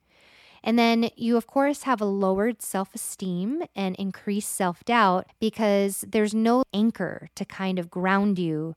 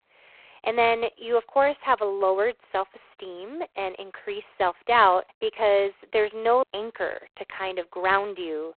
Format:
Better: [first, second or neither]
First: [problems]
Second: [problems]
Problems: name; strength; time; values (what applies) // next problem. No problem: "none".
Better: first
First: none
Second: phone-call audio; poor line; nothing above 3.5 kHz